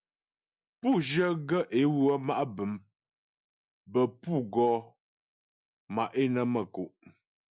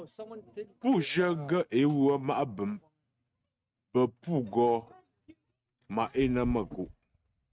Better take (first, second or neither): first